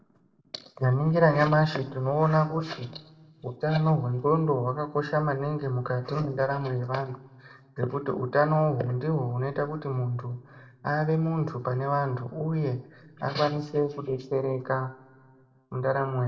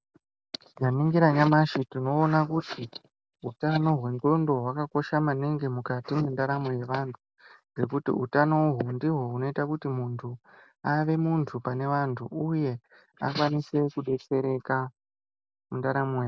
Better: second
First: room echo; dies away in 1.4 s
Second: none

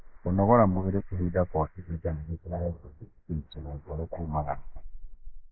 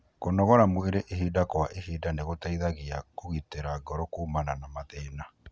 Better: second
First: noise reduction (neural mask model Resemble Enhance denoiser)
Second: none

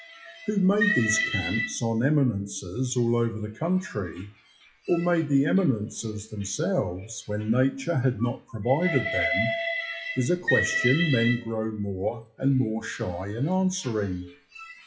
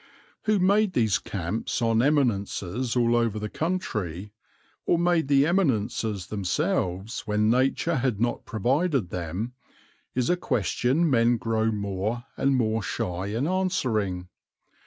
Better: second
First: noise reduction (classical method WPE with log-MMSE)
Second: none

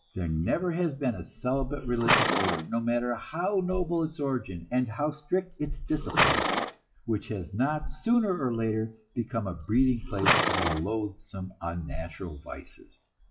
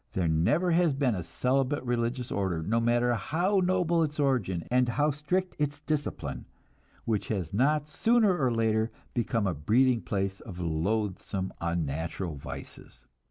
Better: second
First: noise reduction (classical method WPE with log-MMSE)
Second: none

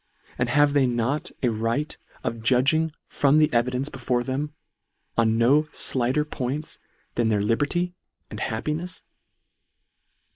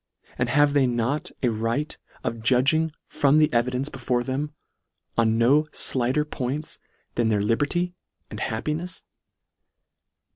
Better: second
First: noise reduction (neural mask model Resemble Enhance denoiser)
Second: none

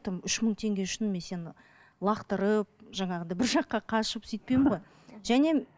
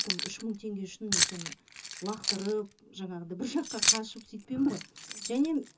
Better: first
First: none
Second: background sound (Keys jangling); 1 dB above the speech // room echo; dies away in 0.2 s

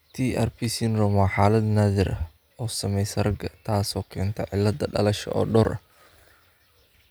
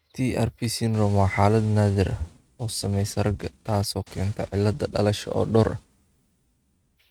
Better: first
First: none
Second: noise reduction (neural mask model RNNoise)

